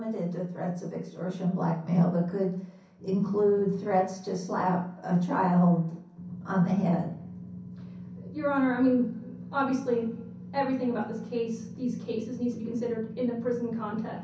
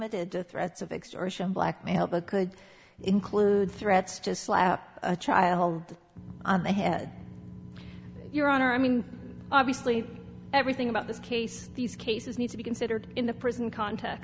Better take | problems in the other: second | room echo; dies away in 0.6 s

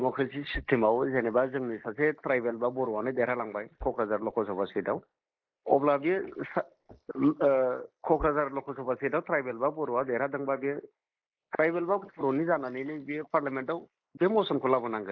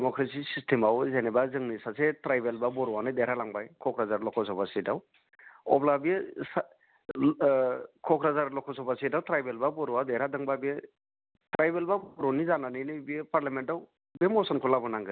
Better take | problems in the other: second | noise reduction (neural mask model Resemble Enhance denoiser)

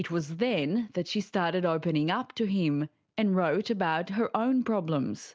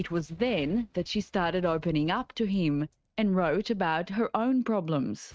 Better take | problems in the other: first | noise reduction (neural mask model RNNoise)

